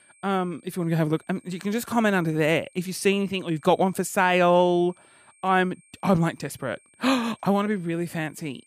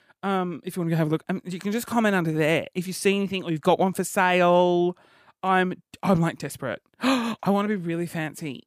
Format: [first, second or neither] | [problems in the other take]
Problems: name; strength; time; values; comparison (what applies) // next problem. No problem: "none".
second | high-pitched whine; faint; throughout; 8.5 kHz, 30 dB below the speech